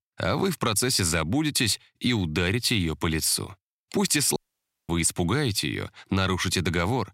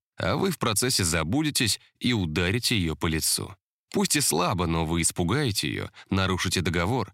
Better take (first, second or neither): second